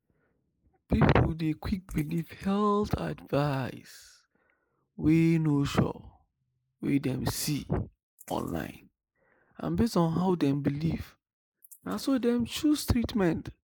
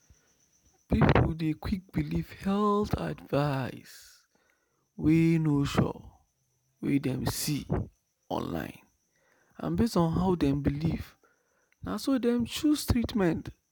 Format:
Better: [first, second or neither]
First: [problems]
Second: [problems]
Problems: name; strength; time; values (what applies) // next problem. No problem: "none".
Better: second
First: noise reduction (neural mask model Resemble Enhance denoiser)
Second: none